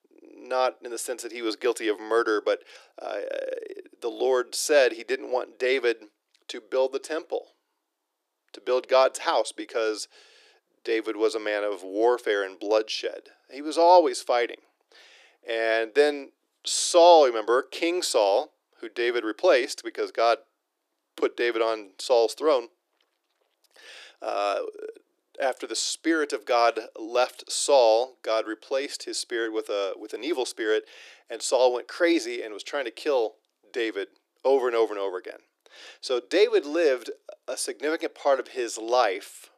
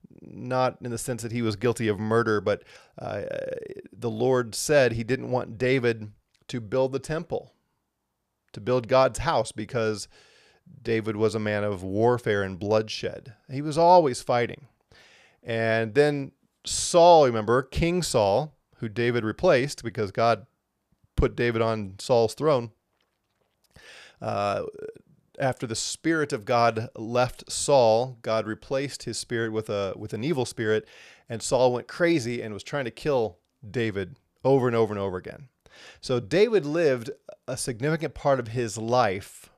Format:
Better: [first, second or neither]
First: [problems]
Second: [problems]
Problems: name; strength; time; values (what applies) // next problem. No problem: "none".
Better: second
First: thin; very; fading below 300 Hz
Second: none